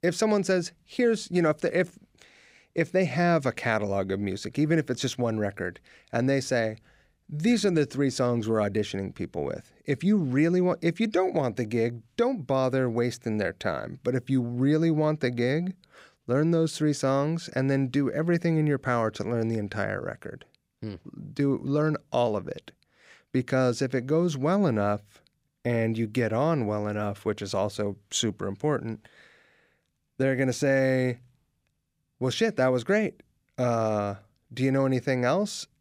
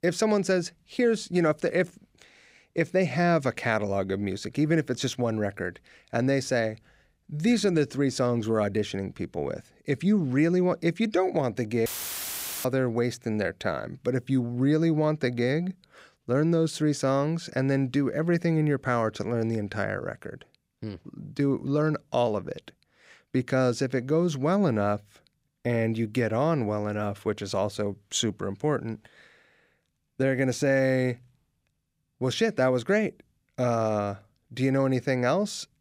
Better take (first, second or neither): first